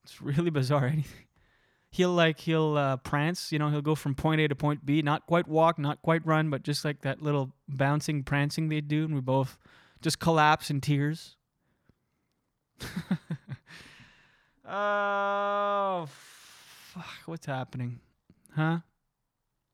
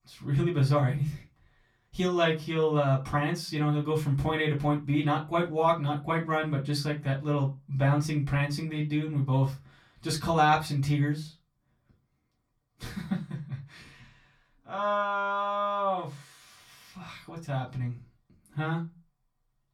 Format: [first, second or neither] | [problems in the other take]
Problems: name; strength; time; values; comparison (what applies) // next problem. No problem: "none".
first | off-mic speech; far // room echo; very slight; dies away in 0.2 s